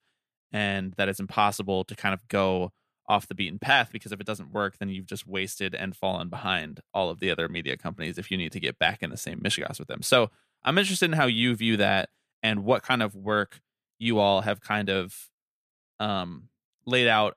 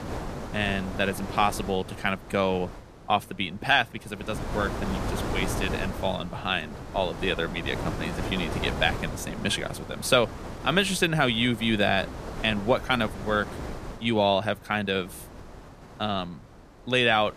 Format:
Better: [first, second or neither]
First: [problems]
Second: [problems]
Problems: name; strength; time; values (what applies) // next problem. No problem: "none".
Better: first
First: none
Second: wind noise on the microphone; occasional gusts; 10 dB below the speech